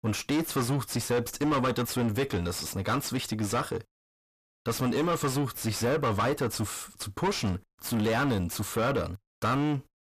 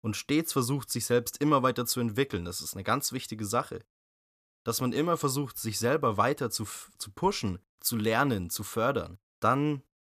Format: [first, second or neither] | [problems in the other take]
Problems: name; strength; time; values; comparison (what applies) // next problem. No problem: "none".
second | distortion; heavy; 6 dB below the speech